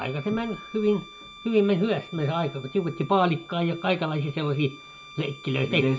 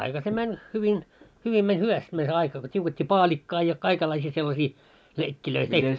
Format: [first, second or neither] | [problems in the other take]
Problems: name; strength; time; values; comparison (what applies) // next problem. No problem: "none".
second | background sound (Bowed string instrument); 19 dB below the speech // room echo; dies away in 0.4 s